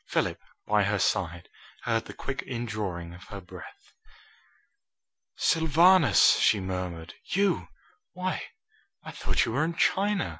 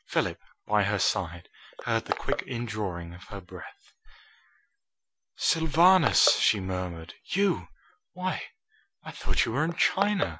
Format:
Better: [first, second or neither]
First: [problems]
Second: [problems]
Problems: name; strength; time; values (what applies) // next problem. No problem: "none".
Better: first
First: none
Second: background sound (Crushing); 13 dB below the speech